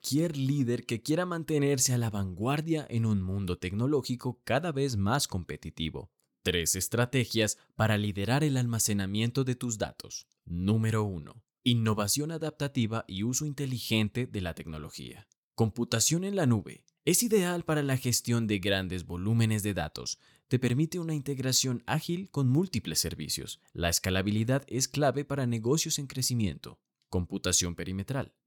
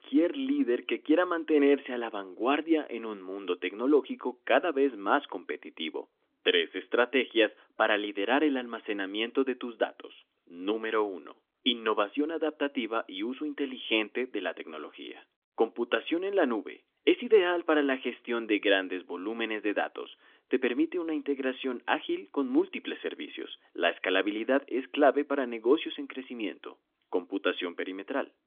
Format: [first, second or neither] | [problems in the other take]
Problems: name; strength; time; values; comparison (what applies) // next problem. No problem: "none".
first | phone-call audio; nothing above 3.5 kHz